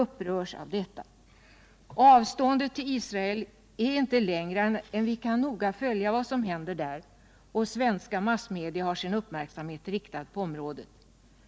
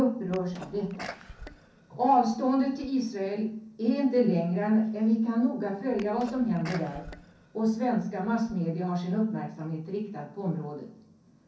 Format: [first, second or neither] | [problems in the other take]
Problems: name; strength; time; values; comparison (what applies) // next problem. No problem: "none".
first | background sound (Sneeze); 18 dB below the speech // room echo; dies away in 0.6 s